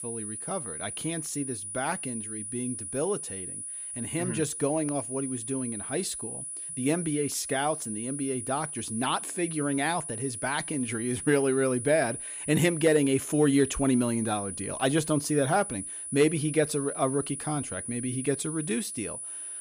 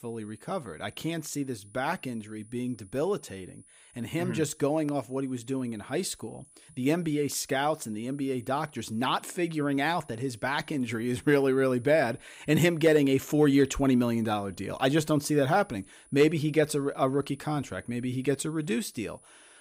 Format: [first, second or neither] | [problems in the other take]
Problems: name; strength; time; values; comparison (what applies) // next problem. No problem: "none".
second | high-pitched whine; loud; throughout; 10 kHz, 6 dB below the speech; faint in the second